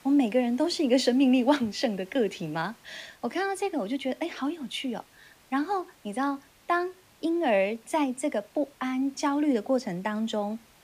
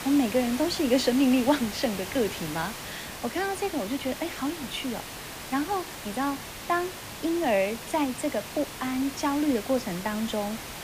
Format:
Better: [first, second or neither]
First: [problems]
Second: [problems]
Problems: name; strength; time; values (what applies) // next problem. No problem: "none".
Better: first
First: hiss; faint; throughout; 30 dB below the speech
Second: hiss; loud; throughout; 9 dB below the speech